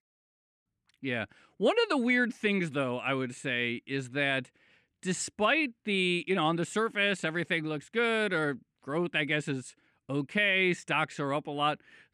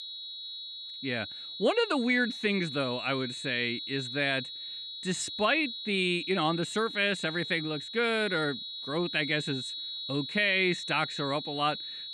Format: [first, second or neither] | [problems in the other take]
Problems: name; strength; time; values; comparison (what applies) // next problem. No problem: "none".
first | high-pitched whine; loud; throughout; 4 kHz, 7 dB below the speech